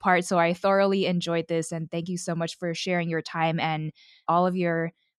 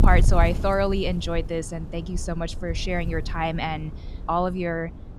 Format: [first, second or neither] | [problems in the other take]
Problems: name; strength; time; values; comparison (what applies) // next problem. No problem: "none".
first | wind noise on the microphone; occasional gusts; 15 dB below the speech